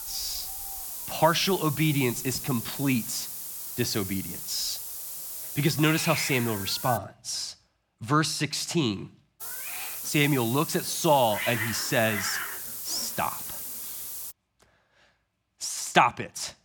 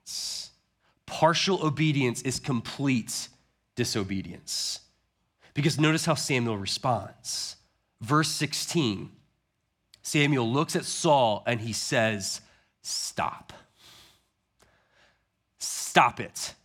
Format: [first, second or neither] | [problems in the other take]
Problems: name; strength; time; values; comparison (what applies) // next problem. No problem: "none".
second | hiss; loud; until 7 s and from 9.5 to 14 s; 6 dB below the speech